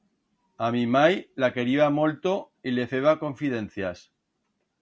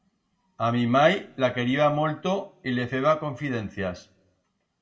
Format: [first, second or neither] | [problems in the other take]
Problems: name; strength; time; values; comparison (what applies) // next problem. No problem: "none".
first | room echo; dies away in 0.4 s